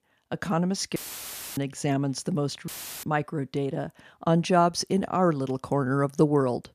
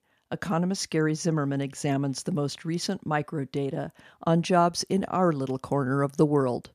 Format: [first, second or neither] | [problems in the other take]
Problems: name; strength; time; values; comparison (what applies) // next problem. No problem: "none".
second | audio cutting out; filled with static; at 1 s for 0.5 s and at 2.5 s